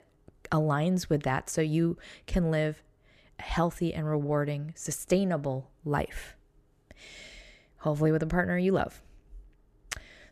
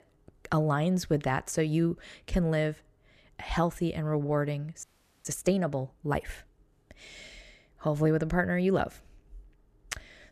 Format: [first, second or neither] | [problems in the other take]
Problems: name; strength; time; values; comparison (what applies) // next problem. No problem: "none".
first | audio freezing; at 5 s